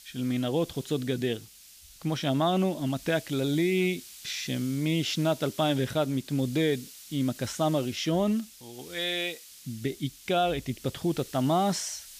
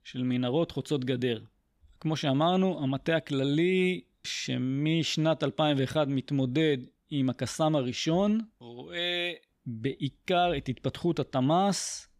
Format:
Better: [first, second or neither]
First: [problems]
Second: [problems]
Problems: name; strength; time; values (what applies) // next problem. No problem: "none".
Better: second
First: hiss; noticeable; throughout; 15 dB below the speech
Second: none